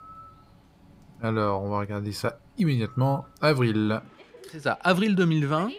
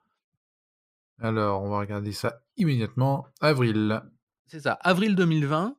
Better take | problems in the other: second | animal sounds; faint; throughout; 25 dB below the speech

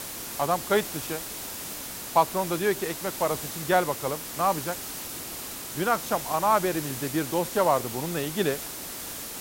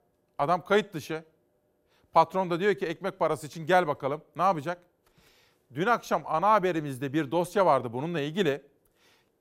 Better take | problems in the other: second | hiss; loud; throughout; 7 dB below the speech

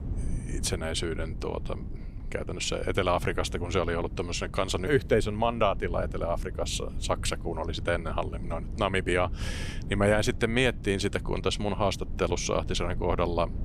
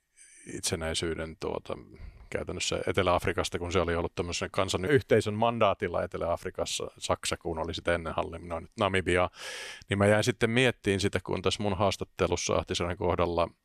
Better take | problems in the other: second | low rumble; faint; throughout; 20 dB below the speech

